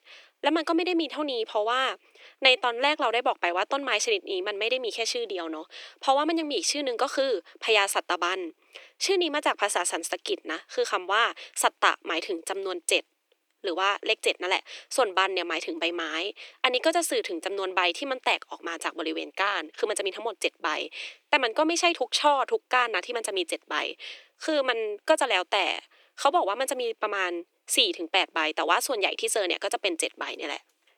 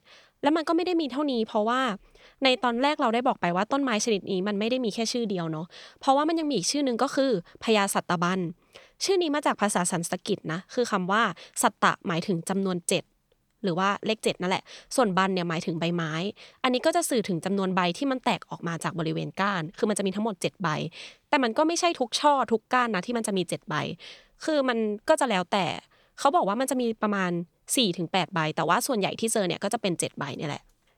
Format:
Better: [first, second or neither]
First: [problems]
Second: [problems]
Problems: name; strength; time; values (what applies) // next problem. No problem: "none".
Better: second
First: thin; very; fading below 300 Hz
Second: none